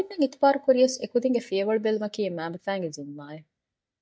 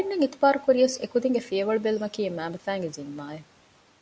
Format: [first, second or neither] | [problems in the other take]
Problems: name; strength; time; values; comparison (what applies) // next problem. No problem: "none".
second | noise reduction (neural mask model DeepFilterNet 3)